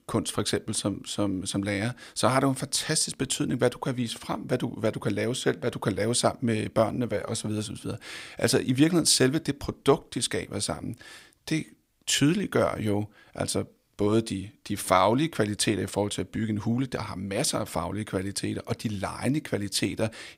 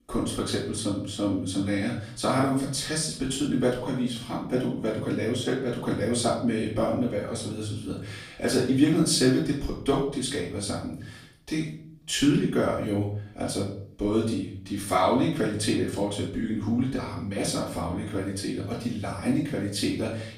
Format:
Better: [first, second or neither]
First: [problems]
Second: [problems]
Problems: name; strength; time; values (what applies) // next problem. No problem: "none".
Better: first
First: none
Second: off-mic speech; far // room echo; noticeable; dies away in 0.5 s